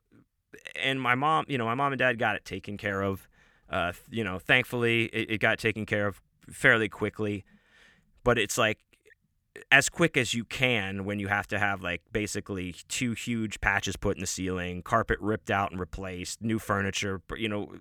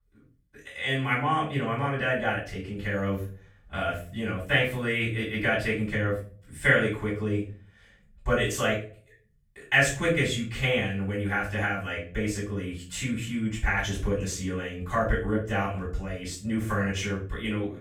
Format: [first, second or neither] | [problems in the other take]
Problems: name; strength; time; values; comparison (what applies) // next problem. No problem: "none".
first | off-mic speech; far // room echo; noticeable; dies away in 0.4 s